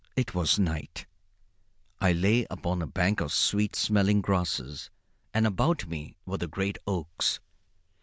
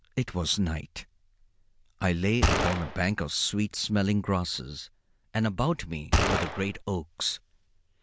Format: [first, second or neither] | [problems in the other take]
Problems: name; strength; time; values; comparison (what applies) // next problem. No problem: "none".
first | background sound (Gunshot, gunfire); 4 dB above the speech